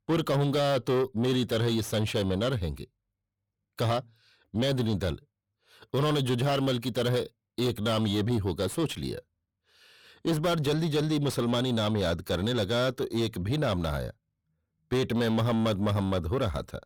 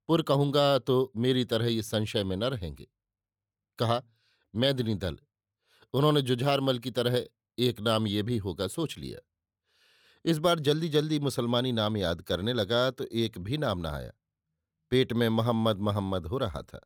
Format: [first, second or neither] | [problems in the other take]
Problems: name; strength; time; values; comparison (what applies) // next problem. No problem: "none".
second | distortion; heavy; 7 dB below the speech